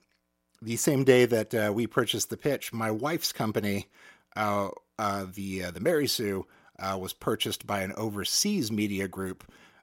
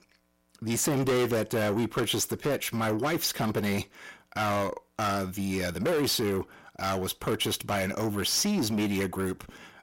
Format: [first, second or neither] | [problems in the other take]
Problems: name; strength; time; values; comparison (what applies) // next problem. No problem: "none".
first | distortion; heavy; 6 dB below the speech